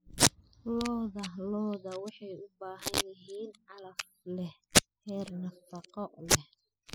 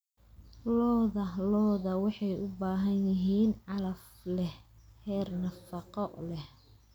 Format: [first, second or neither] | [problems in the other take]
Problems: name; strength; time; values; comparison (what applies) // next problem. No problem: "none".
second | noise reduction (classical method spectral subtraction)